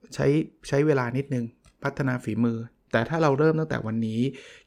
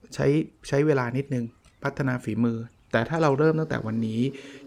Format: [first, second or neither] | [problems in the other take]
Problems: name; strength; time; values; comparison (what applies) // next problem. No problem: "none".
first | animal sounds; faint; throughout; 20 dB below the speech